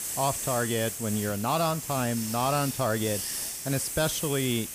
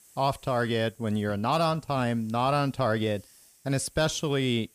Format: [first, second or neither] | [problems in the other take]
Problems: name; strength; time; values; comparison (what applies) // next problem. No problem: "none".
second | hiss; loud; throughout; 4 dB below the speech; faint in the second